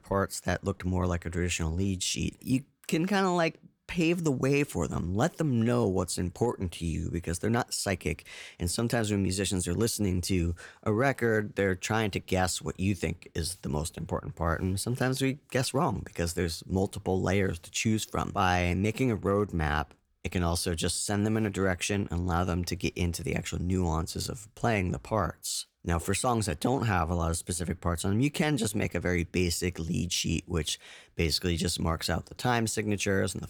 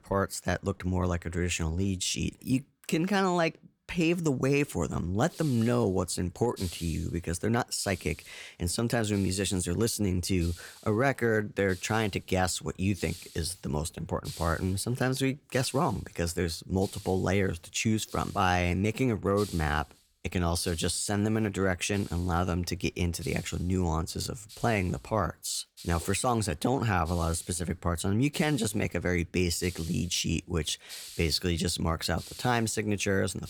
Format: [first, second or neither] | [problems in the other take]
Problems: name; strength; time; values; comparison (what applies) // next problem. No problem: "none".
first | hiss; noticeable; from 5.5 s on; 20 dB below the speech